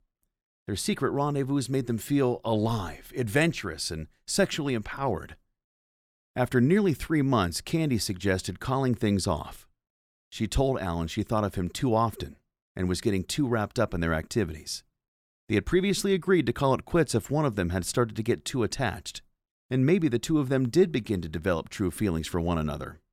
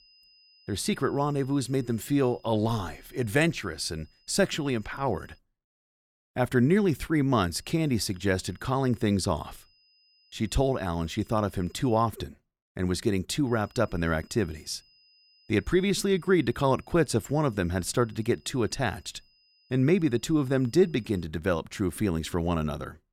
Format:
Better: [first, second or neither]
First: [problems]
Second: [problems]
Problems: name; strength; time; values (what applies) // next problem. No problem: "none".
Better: first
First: none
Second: high-pitched whine; faint; until 5.5 s, from 7.5 to 12 s and from 13 to 21 s; 5 kHz, 35 dB below the speech